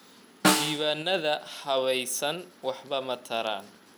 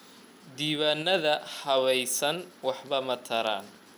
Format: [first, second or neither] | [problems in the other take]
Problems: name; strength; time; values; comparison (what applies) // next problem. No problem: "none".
second | background sound (Snare drum); 1 dB below the speech